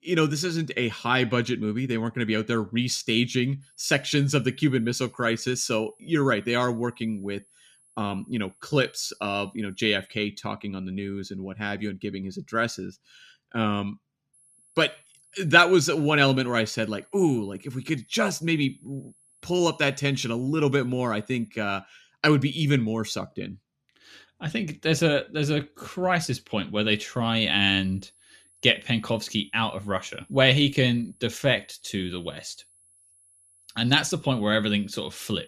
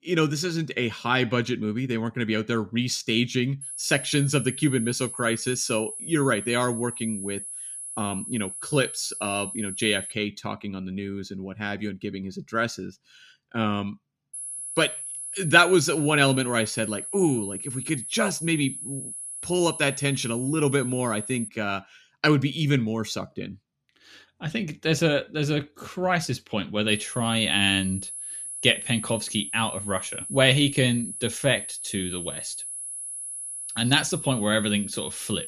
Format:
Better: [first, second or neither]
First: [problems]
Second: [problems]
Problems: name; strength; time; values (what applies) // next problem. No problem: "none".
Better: first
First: high-pitched whine; faint; from 3.5 to 10 s, from 14 to 21 s and from 27 s on; 10.5 kHz, 30 dB below the speech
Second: high-pitched whine; loud; from 3.5 to 10 s, from 14 to 21 s and from 27 s on; 10.5 kHz, 8 dB below the speech